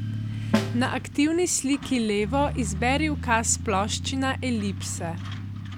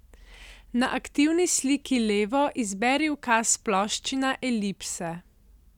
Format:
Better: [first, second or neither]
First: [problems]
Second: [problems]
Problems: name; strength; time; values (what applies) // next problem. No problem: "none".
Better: second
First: background sound (Truck + Snare drum); 5 dB below the speech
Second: none